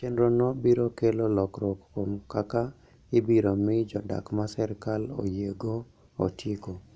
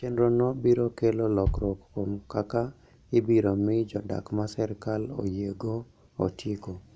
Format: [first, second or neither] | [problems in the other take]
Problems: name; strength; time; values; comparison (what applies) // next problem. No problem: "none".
first | background sound (Bass drum); 8 dB below the speech